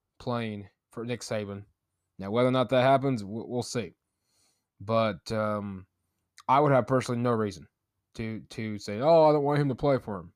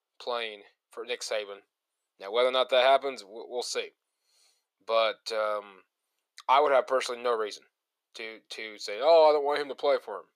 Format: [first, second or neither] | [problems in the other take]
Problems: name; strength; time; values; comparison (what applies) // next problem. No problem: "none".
first | thin; very; fading below 450 Hz